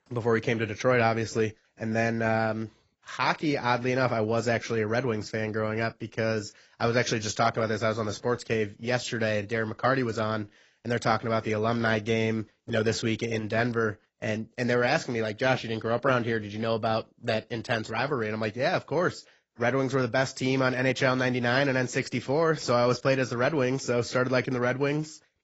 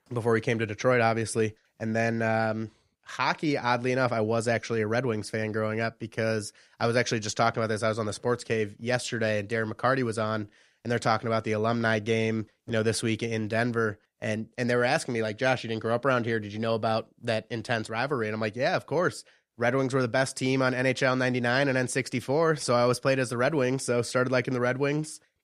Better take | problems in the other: second | garbled, watery; badly; nothing above 7.5 kHz

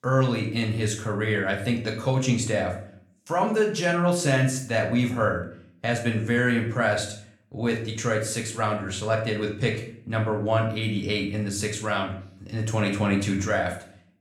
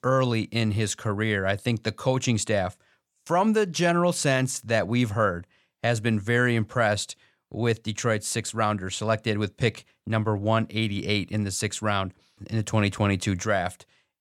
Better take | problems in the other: second | room echo; slight; dies away in 0.5 s // off-mic speech; somewhat distant

